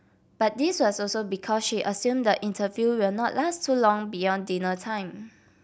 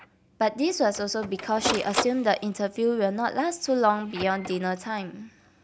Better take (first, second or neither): first